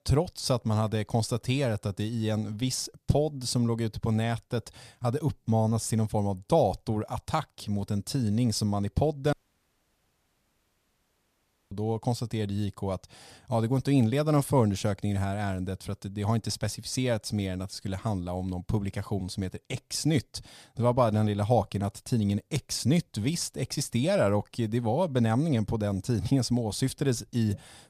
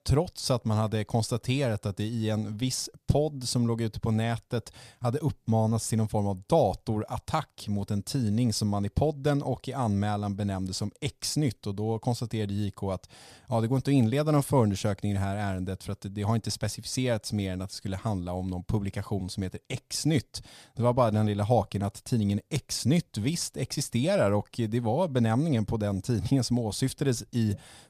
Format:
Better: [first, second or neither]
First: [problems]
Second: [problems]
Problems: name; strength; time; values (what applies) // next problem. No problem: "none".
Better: second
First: audio cutting out; at 9.5 s for 2.5 s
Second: none